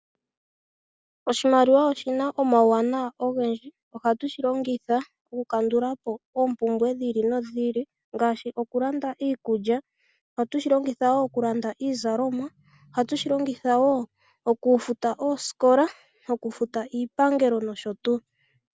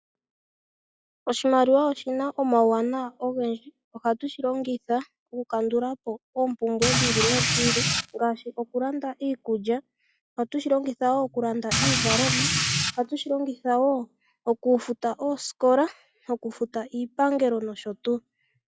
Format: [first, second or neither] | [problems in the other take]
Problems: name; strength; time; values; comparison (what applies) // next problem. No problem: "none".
first | noise reduction (classical method log-MMSE)